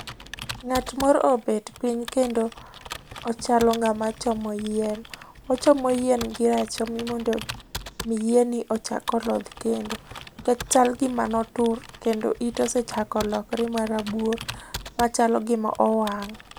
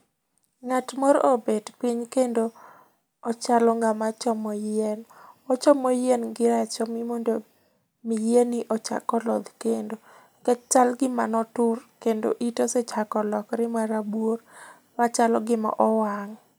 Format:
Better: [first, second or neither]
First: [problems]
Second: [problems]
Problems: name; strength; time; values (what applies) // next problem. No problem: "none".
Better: second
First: background sound (Computer keyboard); 15 dB below the speech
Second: none